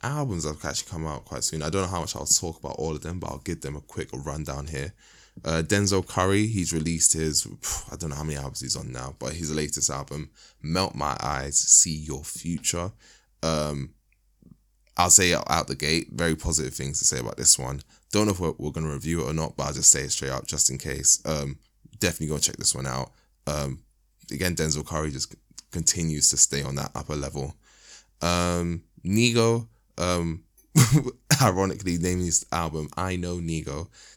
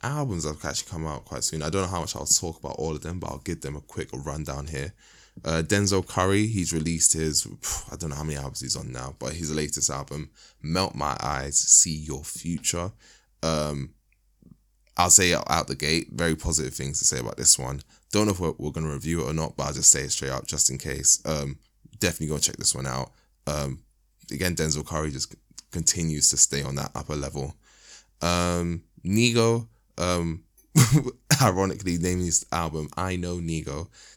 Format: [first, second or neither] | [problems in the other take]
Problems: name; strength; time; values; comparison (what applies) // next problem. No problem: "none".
neither | none